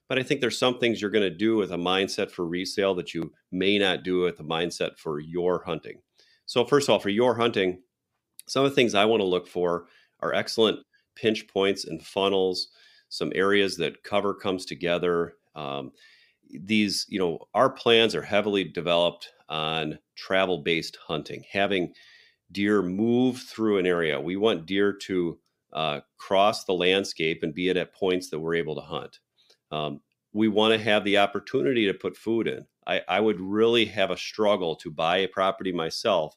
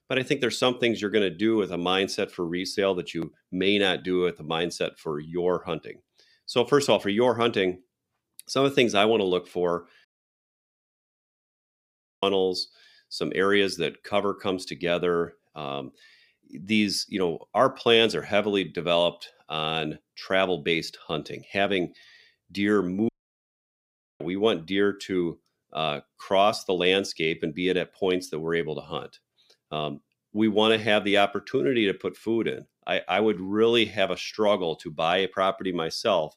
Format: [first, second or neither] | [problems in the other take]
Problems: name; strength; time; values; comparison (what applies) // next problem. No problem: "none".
first | audio cutting out; at 10 s for 2 s and at 23 s for 1 s